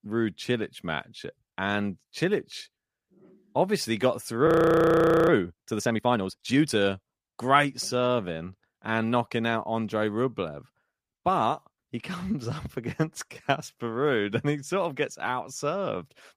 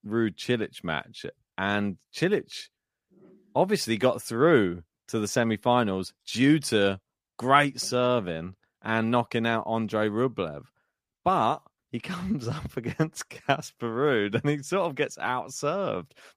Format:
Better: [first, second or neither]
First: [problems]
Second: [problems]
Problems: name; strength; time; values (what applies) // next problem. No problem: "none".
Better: second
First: audio freezing; at 4.5 s for 1 s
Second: none